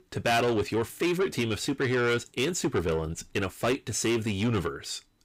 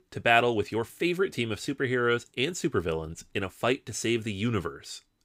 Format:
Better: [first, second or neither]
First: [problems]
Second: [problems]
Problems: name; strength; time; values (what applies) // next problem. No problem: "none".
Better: second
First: distortion; heavy; 8 dB below the speech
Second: none